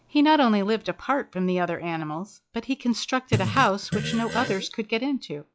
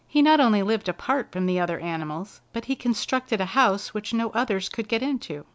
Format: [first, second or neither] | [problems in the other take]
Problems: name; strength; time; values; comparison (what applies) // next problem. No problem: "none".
second | noise reduction (classical method log-MMSE)